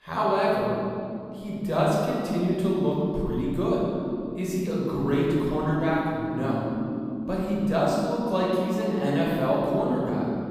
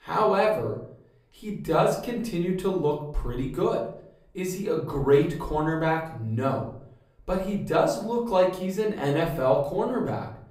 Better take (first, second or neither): second